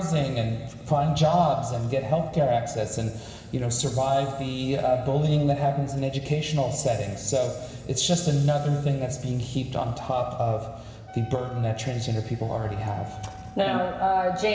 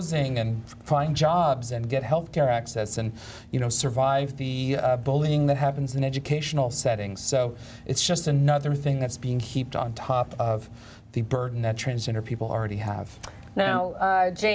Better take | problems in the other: second | background sound (Wind instrument, woodwind instrument); 19 dB below the speech // room echo; dies away in 2.9 s

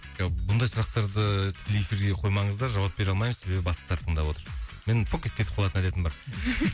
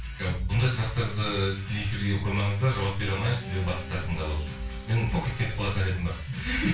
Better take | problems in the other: first | background sound (Guitar); 17 dB below the speech // room echo; dies away in 0.3 s

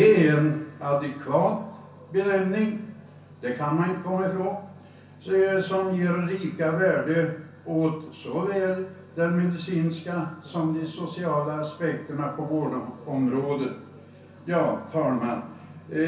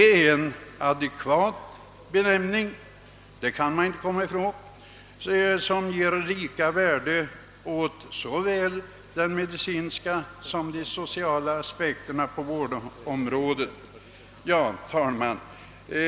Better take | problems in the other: second | room echo; dies away in 0.6 s

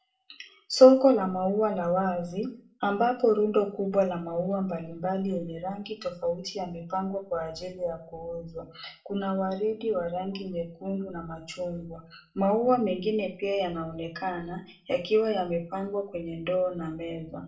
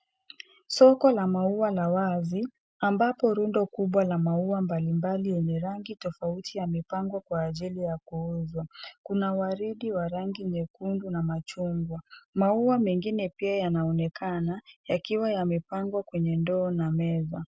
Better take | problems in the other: second | room echo; dies away in 0.3 s

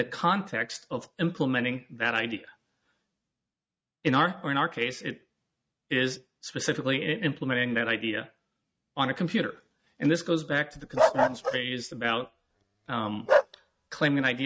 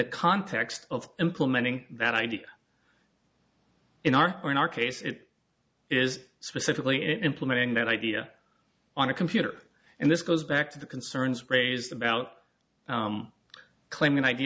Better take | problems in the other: second | noise reduction (neural mask model RNNoise)

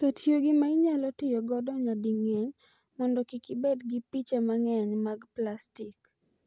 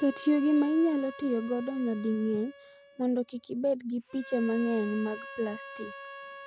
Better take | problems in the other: first | background sound (Harmonica); 16 dB below the speech

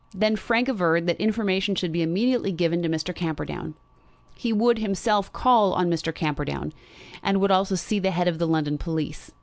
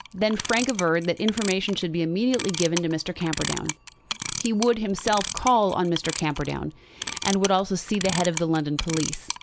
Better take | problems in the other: first | background sound (Clock); 9 dB below the speech

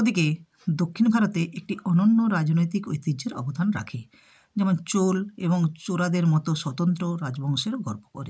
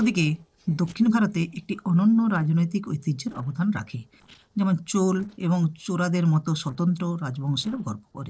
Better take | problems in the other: first | noise reduction (neural separator model SepFormer DNS4)

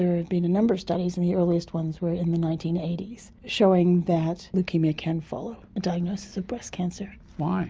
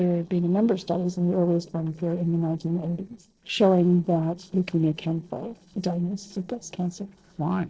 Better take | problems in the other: first | noise reduction (neural separator model SepFormer DNS4)

